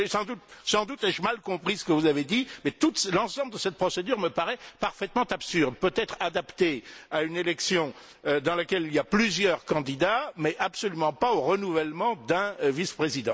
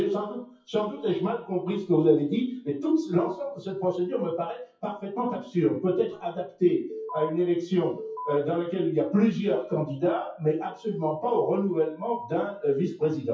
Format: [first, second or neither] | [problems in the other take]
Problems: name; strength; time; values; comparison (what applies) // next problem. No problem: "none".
first | noise reduction (classical method WPE with log-MMSE)